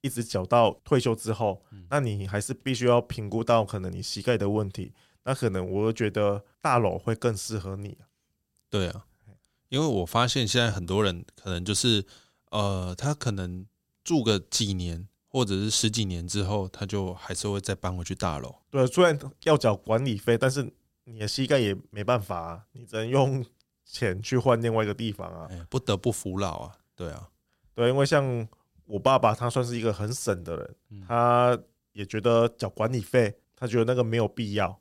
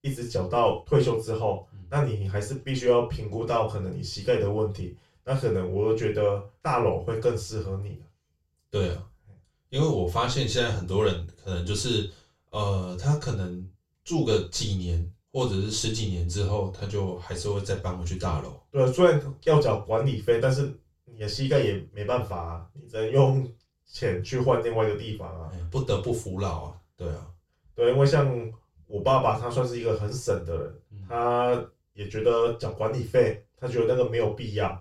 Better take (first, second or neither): first